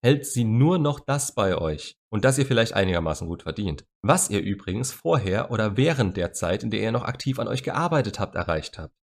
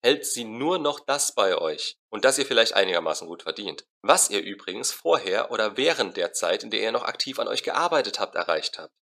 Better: first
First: none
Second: thin; very; fading below 400 Hz

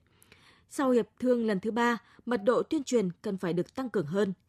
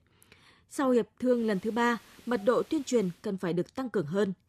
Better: first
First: none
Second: hiss; faint; from 1.5 to 3 s; 25 dB below the speech

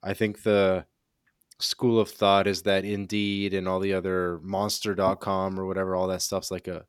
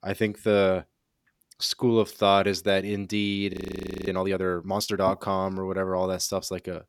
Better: first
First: none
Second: audio freezing; at 3.5 s for 0.5 s

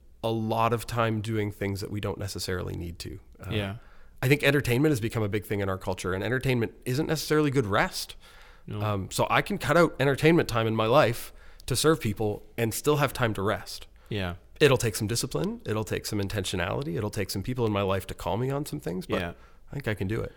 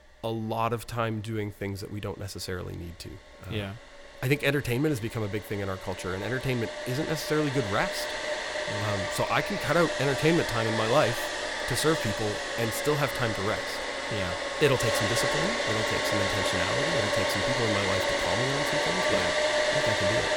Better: first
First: none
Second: household noises; very loud; throughout; 2 dB above the speech

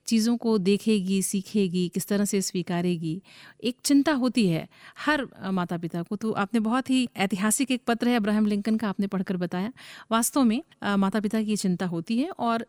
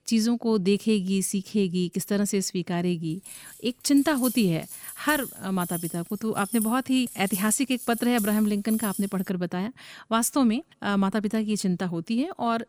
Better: first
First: none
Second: jangling keys; noticeable; from 3.5 to 9 s; peak 7 dB below the speech

